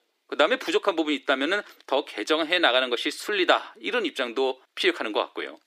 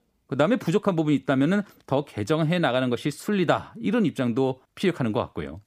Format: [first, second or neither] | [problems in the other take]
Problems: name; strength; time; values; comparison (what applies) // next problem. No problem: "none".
second | thin; somewhat; fading below 300 Hz